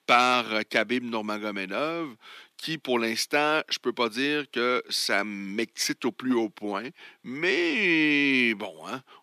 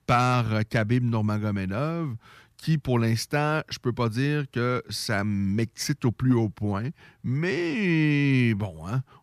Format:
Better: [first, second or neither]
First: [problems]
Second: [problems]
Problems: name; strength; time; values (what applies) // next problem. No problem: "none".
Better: second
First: thin; somewhat; fading below 250 Hz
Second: none